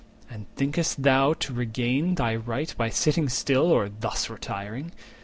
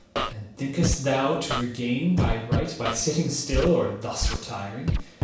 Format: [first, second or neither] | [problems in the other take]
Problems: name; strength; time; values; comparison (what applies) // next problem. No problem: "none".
first | background sound (Scratching (performance technique)); 3 dB below the speech // room echo; dies away in 0.7 s